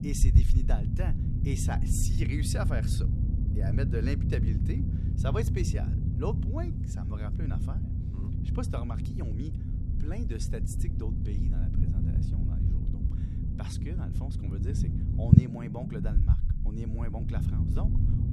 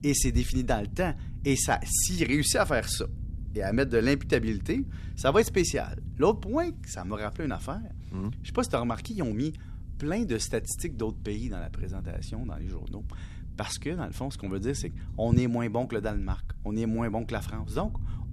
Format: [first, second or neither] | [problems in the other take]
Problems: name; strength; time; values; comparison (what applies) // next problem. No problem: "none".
second | low rumble; loud; throughout; 1 dB below the speech; faint in the second